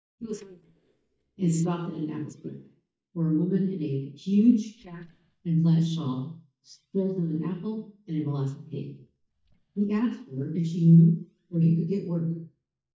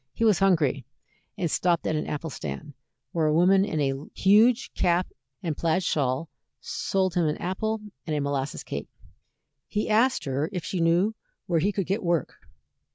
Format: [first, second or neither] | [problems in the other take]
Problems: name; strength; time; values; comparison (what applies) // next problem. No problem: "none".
second | noise reduction (neural mask model DeepFilterNet 3)